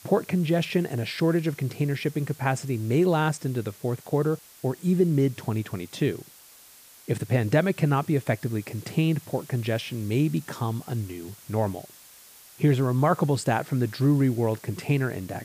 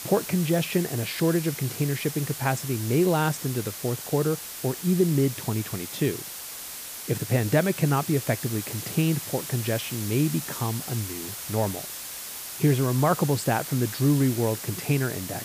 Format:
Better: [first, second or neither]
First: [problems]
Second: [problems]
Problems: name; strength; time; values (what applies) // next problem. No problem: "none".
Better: first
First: hiss; faint; throughout; 20 dB below the speech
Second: hiss; loud; throughout; 8 dB below the speech